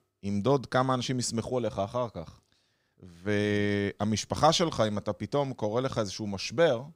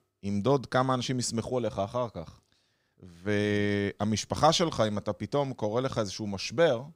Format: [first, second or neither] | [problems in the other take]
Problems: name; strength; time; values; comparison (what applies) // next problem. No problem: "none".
neither | none